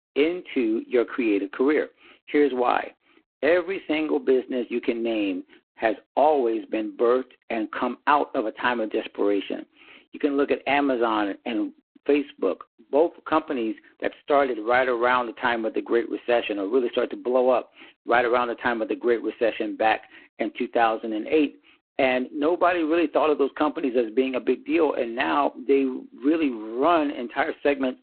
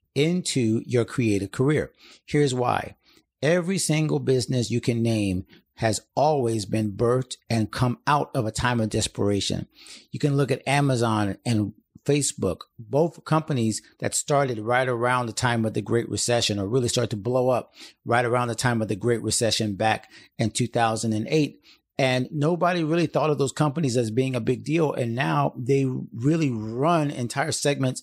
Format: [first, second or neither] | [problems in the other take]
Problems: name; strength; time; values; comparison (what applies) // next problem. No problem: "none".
second | phone-call audio; poor line; nothing above 4 kHz